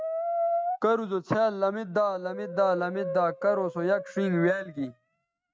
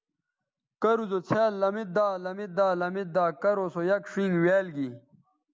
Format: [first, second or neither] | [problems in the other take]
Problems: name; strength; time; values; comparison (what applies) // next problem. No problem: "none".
second | noise reduction (neural mask model RNNoise)